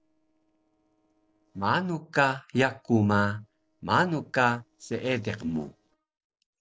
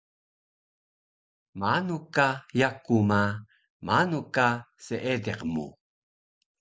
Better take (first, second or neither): second